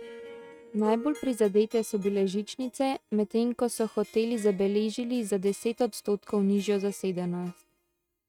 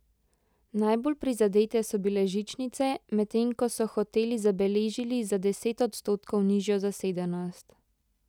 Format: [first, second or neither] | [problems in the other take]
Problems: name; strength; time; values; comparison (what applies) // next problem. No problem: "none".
second | noise reduction (neural mask model RNNoise)